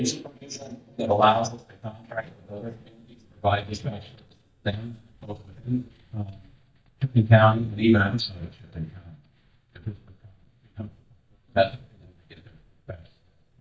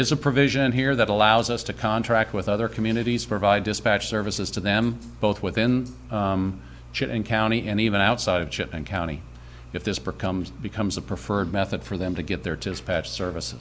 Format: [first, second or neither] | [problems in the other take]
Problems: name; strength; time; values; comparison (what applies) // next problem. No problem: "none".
second | noise reduction (neural mask model DeepFilterNet 3)